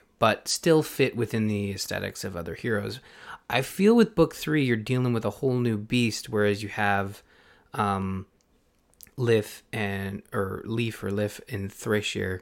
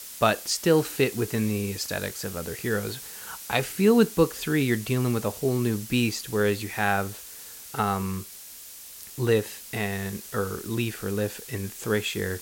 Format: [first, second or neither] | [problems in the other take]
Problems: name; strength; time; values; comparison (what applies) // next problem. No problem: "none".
first | hiss; noticeable; throughout; 10 dB below the speech